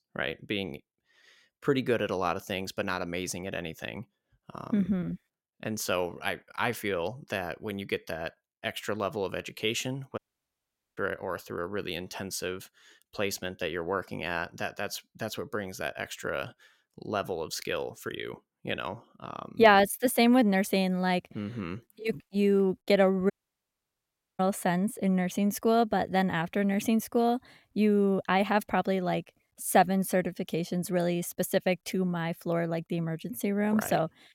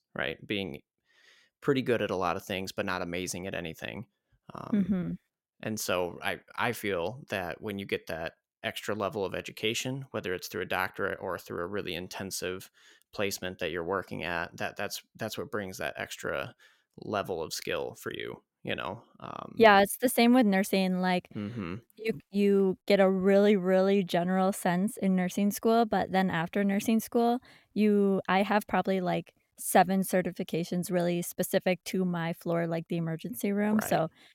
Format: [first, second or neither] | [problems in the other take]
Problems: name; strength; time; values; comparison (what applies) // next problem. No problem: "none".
second | audio cutting out; at 10 s for 1 s and at 23 s for 1 s